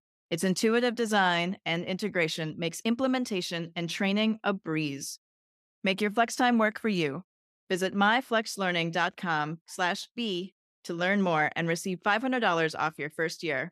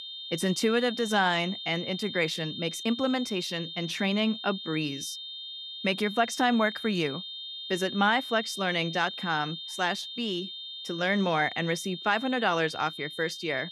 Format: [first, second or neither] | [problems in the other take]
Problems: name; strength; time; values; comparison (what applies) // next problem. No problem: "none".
first | high-pitched whine; loud; throughout; 3.5 kHz, 8 dB below the speech